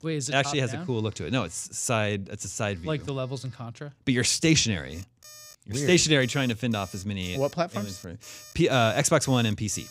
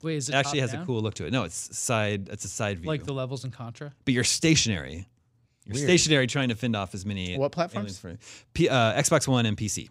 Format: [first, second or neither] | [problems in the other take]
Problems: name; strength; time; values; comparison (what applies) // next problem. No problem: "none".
second | alarms or sirens; faint; throughout; 20 dB below the speech